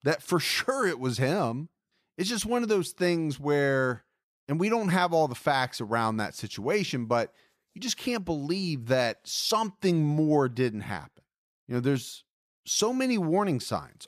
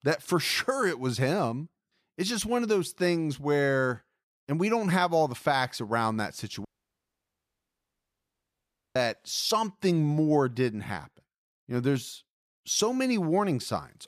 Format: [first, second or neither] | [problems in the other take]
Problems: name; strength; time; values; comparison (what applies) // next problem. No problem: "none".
first | audio cutting out; at 6.5 s for 2.5 s